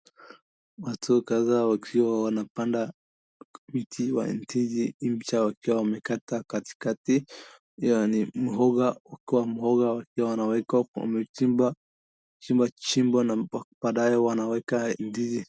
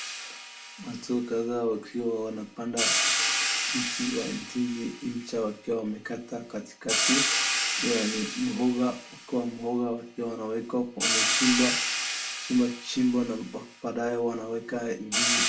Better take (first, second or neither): first